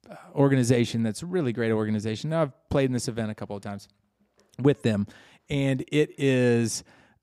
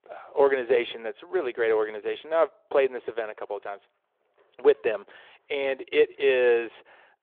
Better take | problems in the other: first | phone-call audio; nothing above 3.5 kHz

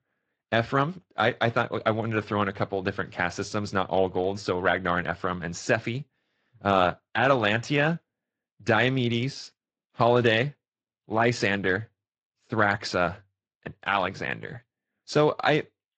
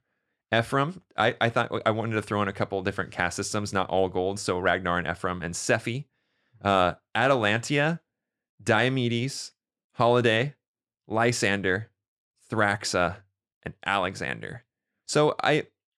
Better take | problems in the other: second | garbled, watery; slightly; nothing above 7.5 kHz

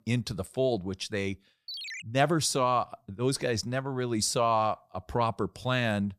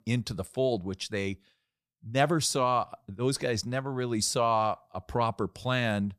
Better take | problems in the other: second | phone ringing; noticeable; at 1.5 s; peak 8 dB below the speech

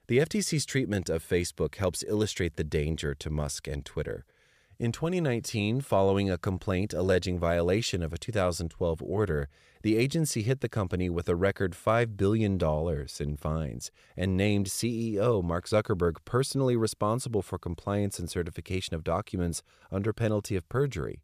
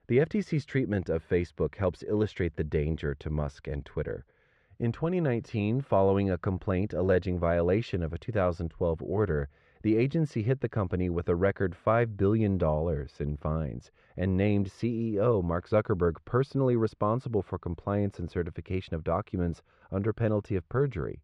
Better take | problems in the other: first | muffled; very; fading above 2 kHz

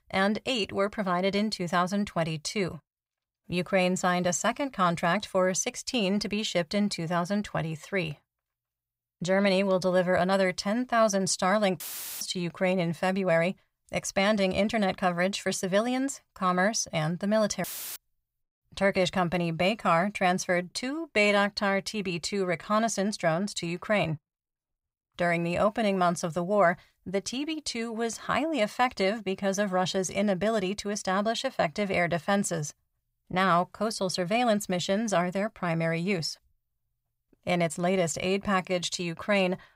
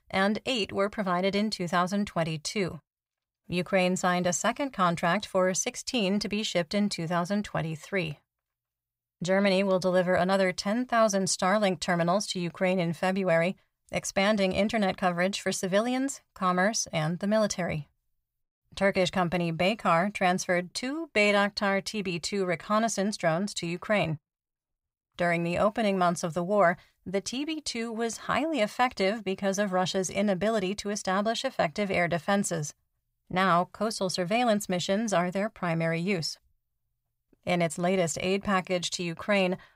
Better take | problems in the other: second | audio cutting out; filled with static; at 12 s and at 18 s

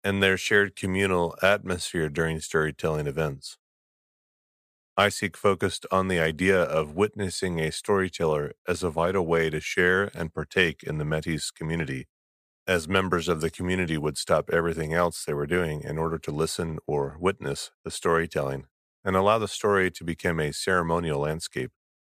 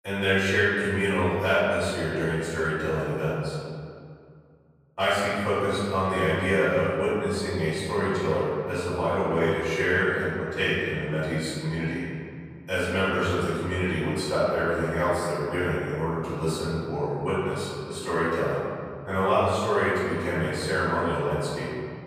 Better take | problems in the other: first | off-mic speech; far // room echo; strong; dies away in 2.1 s

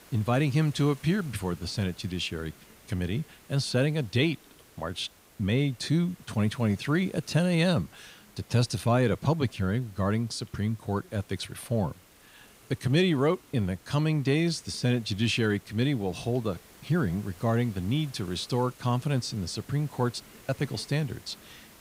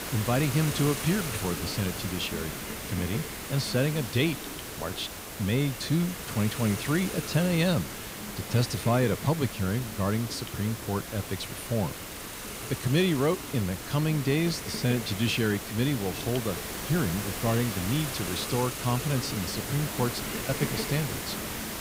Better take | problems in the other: first | hiss; loud; throughout; 6 dB below the speech; faint in the first

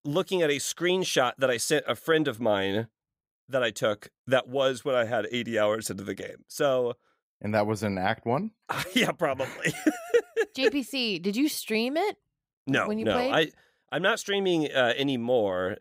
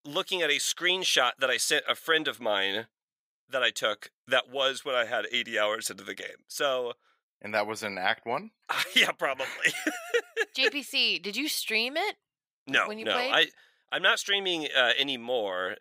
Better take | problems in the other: first | thin; somewhat; fading below 850 Hz

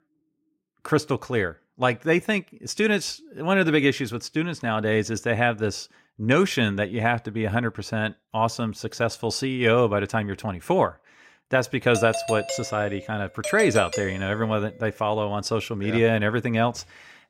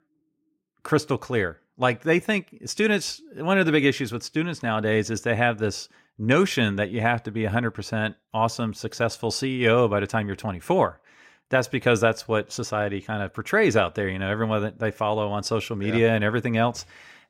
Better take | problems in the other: second | doorbell; noticeable; from 12 to 15 s; peak 5 dB below the speech

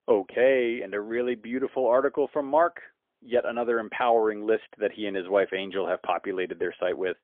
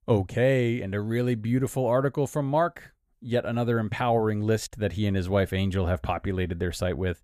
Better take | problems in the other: second | phone-call audio; poor line; nothing above 3.5 kHz

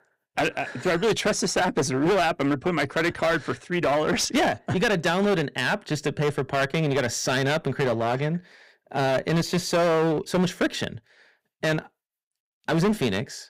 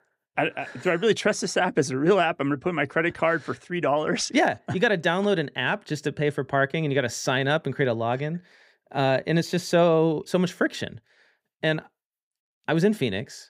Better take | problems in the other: second | distortion; heavy; 15% of the sound clipped

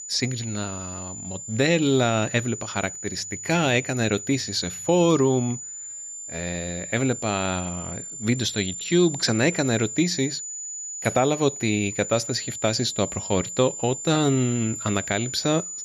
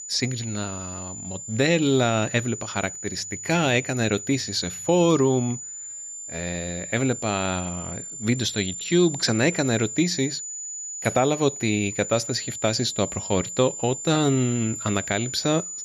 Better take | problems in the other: neither | high-pitched whine; loud; throughout; 7 kHz, 8 dB below the speech; the same in both

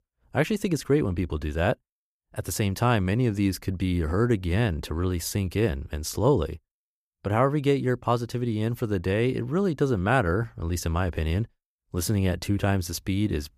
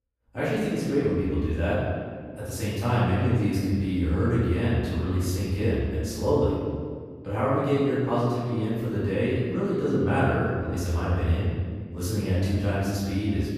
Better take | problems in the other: first | off-mic speech; far // room echo; strong; dies away in 1.8 s

